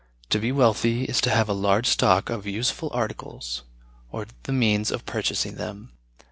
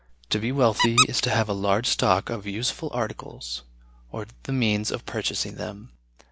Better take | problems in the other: first | background sound (Squeak); 2 dB below the speech

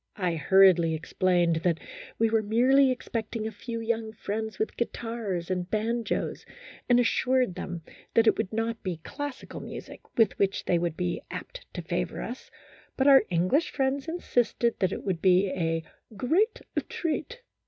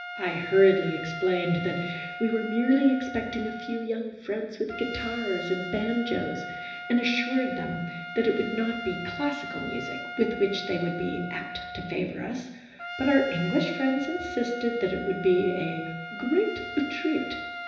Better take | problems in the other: first | background sound (Trumpet); 10 dB below the speech // room echo; dies away in 1 s

